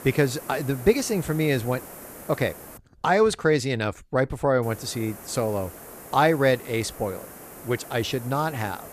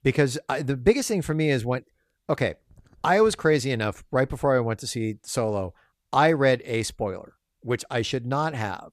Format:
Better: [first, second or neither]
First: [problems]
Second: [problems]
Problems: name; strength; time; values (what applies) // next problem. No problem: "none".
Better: second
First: hiss; noticeable; until 3 s and from 4.5 s on; 15 dB below the speech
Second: none